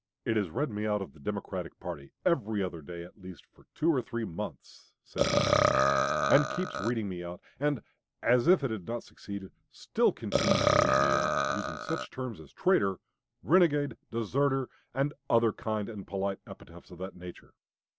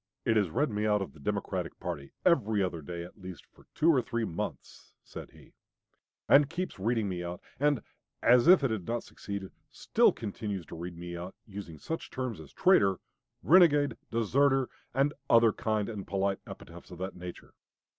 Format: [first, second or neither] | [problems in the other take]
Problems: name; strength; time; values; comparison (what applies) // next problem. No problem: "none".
second | background sound (Burping, eructation); 2 dB above the speech